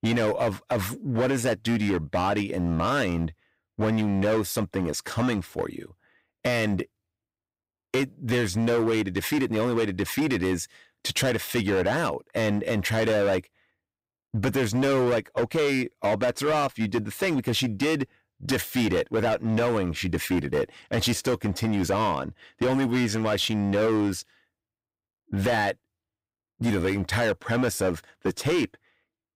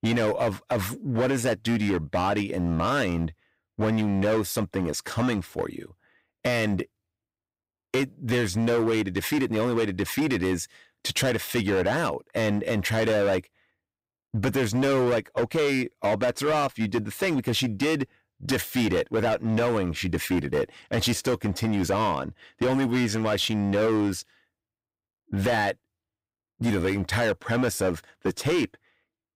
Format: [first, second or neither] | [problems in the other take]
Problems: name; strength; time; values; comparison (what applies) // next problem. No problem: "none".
neither | distortion; slight; 15% of the sound clipped; the same in both